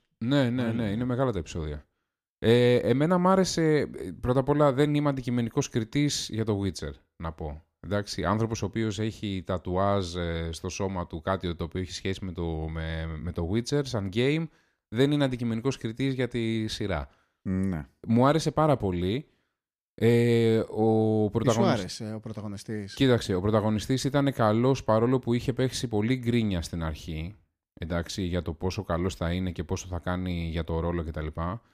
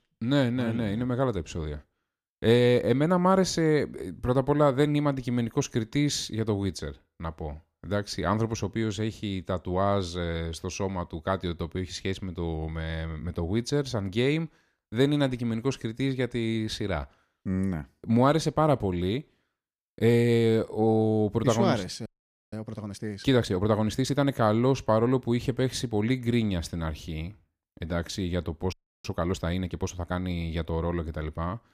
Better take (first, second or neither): first